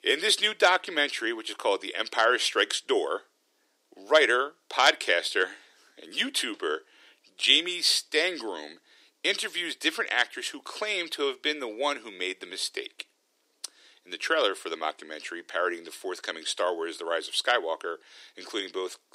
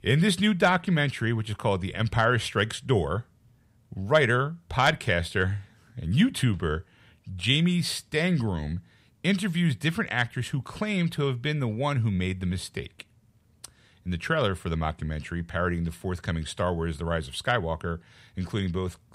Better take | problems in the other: second | thin; very; fading below 300 Hz

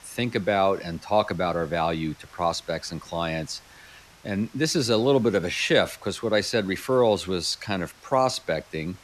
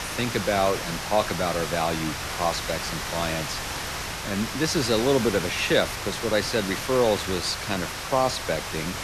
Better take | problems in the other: first | hiss; loud; throughout; 4 dB below the speech; faint in the first

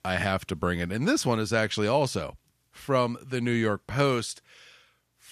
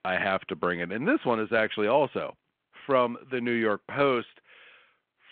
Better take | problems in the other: first | phone-call audio

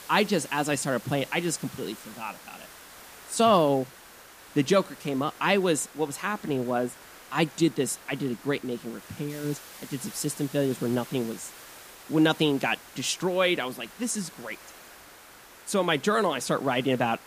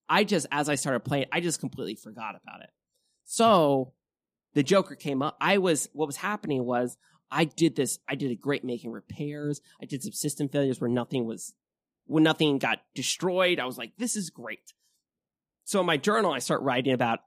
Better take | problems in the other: second | hiss; noticeable; throughout; 20 dB below the speech

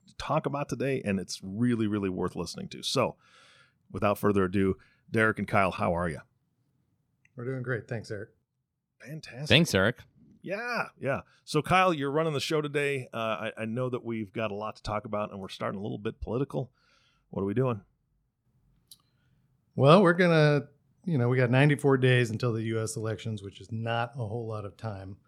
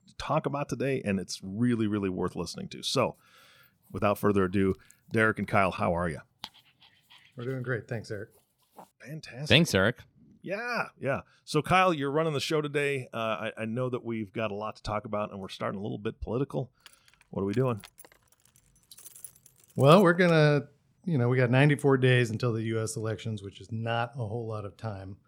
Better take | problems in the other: first | dog barking; faint; from 5 to 9 s; peak 15 dB below the speech // jangling keys; faint; from 17 to 20 s; peak 15 dB below the speech

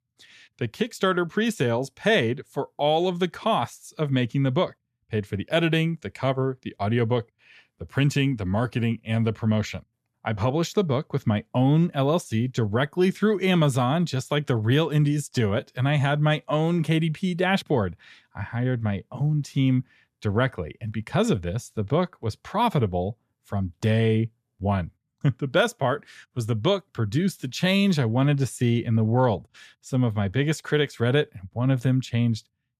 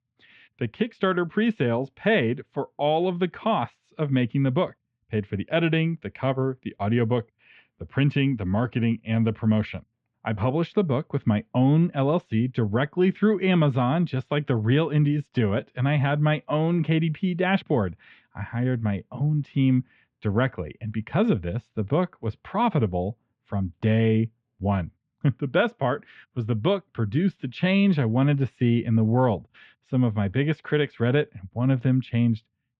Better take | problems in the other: first | muffled; very; fading above 3 kHz

